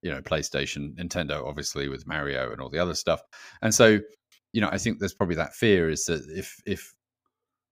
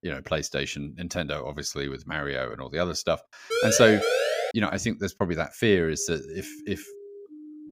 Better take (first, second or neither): first